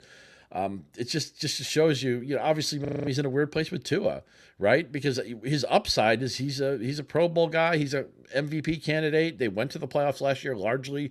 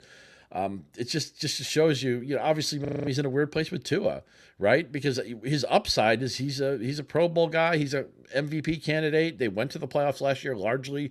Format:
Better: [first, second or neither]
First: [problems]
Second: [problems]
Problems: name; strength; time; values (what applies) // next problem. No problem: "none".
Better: neither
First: audio freezing; at 3 s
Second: audio freezing; at 3 s